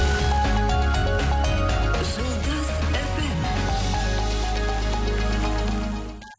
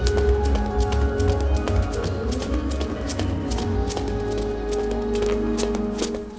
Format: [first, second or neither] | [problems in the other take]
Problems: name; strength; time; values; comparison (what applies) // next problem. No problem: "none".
first | background sound (Run); 13 dB below the speech // room echo; dies away in 2.2 s